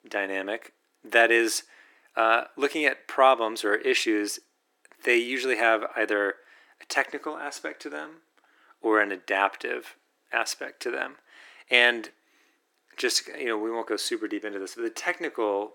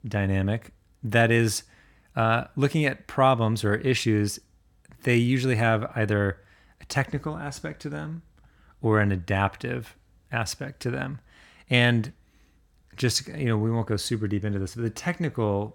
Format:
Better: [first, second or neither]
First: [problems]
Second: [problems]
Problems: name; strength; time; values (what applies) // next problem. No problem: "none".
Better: second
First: thin; very; fading below 350 Hz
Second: none